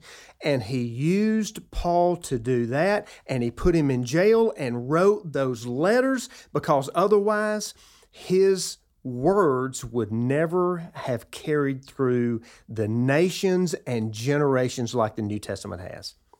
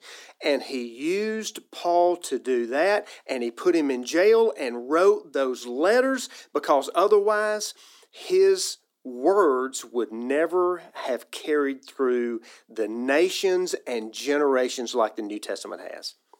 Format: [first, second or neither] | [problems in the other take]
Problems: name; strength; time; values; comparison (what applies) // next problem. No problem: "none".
first | thin; somewhat; fading below 250 Hz